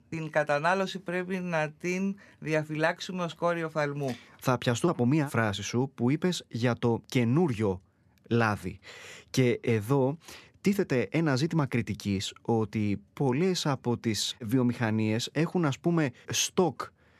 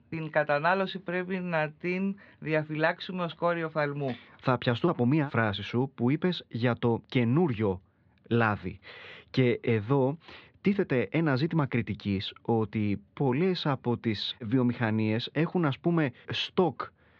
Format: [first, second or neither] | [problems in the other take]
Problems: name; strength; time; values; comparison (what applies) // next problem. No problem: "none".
first | muffled; slightly; fading above 4 kHz